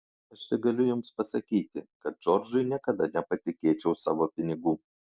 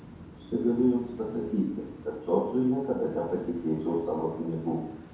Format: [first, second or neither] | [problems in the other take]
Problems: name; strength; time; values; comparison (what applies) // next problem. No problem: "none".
first | background sound (Waves, surf); 17 dB below the speech // room echo; dies away in 0.9 s